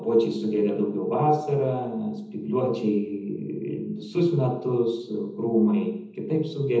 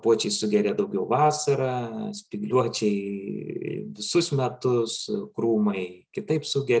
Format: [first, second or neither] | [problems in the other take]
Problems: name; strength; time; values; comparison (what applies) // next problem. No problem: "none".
second | room echo; dies away in 0.8 s